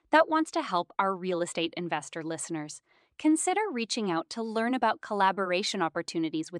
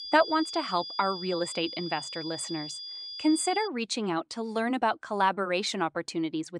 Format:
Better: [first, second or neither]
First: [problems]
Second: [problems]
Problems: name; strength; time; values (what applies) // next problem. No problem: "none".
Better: first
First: none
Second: high-pitched whine; loud; until 3.5 s; 5 kHz, 8 dB below the speech